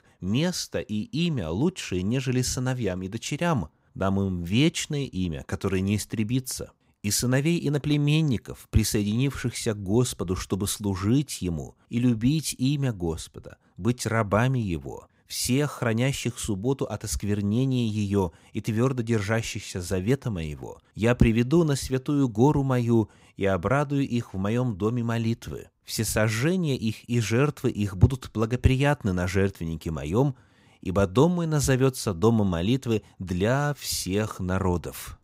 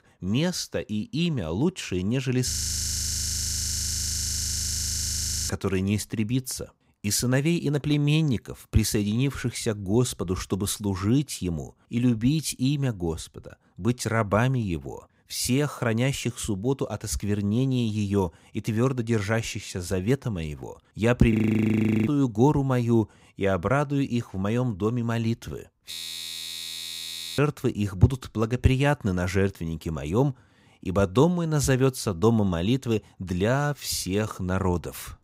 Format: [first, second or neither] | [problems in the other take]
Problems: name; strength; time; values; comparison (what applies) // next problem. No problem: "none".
first | audio freezing; at 2.5 s for 3 s, at 21 s for 0.5 s and at 26 s for 1.5 s